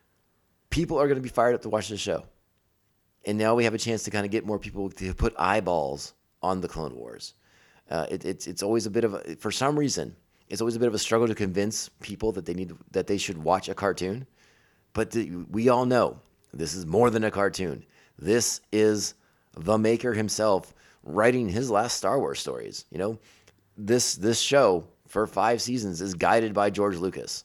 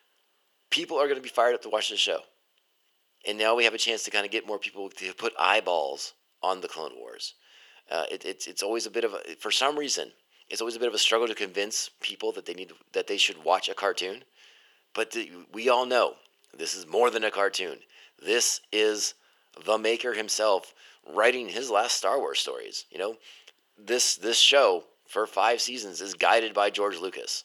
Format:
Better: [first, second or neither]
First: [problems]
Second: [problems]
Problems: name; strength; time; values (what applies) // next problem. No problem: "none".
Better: first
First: none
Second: thin; very; fading below 400 Hz